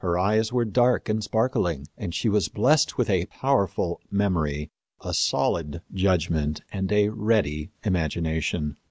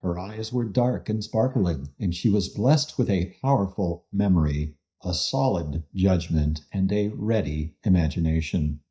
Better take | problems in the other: first | noise reduction (neural mask model DeepFilterNet 3)

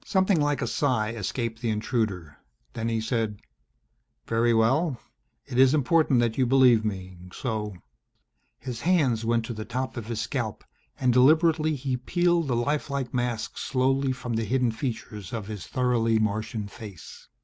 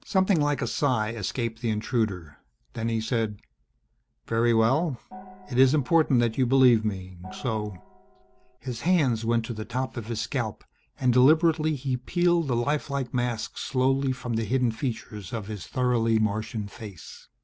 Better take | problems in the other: first | background sound (Gong); 20 dB below the speech

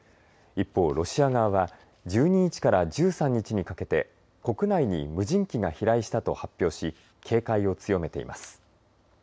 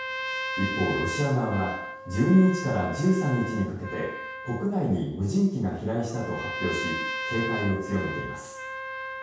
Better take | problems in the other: first | background sound (Trumpet); 8 dB below the speech // room echo; dies away in 0.6 s

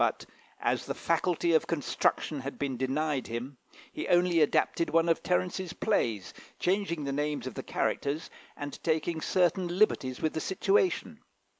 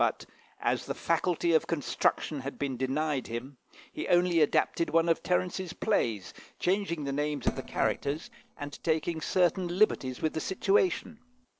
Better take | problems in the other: first | noise reduction (neural separator model SepFormer DNS4)

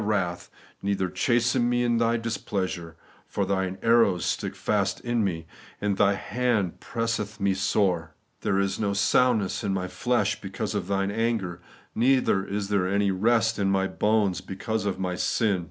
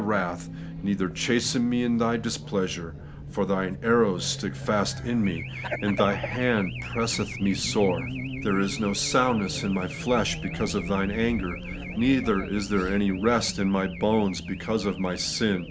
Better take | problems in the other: first | background sound (Race car, auto racing / Alarm); 9 dB below the speech

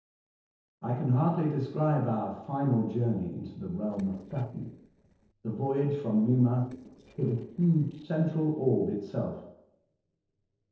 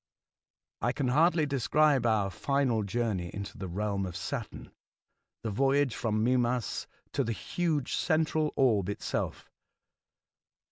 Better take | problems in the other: second | noise reduction (neural separator model SepFormer DNS4)

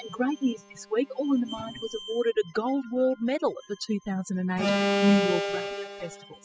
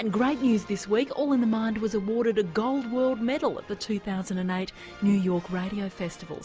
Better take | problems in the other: second | noise reduction (classical method spectral subtraction)

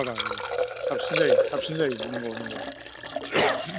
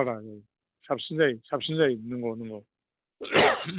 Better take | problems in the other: second | background sound (Liquid); 1 dB above the speech

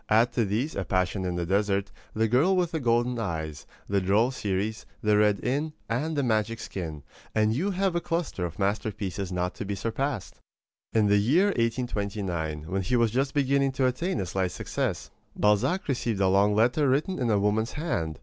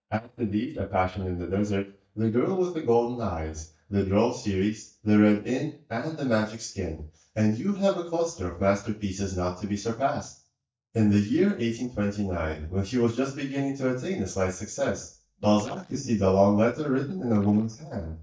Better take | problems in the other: first | noise reduction (neural mask model DeepFilterNet 3)

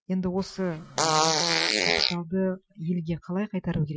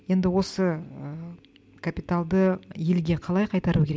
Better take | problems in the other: second | noise reduction (classical method Wiener filter)

